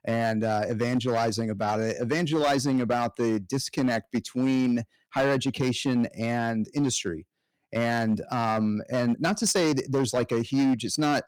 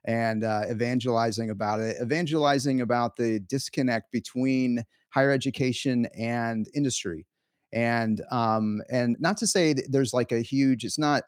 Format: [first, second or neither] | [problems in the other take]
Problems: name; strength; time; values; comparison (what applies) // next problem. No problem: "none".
second | distortion; slight; 8% of the sound clipped